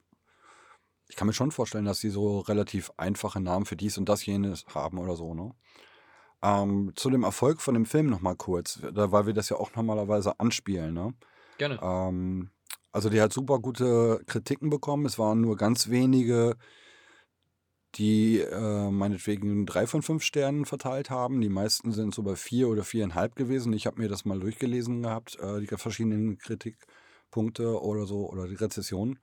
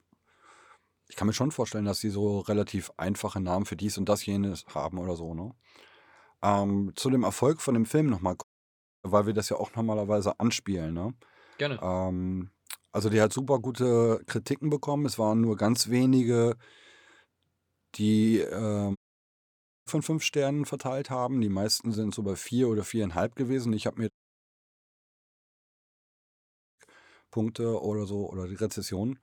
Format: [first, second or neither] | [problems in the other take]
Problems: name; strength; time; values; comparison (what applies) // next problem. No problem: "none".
first | audio cutting out; at 8.5 s for 0.5 s, at 19 s for 1 s and at 24 s for 2.5 s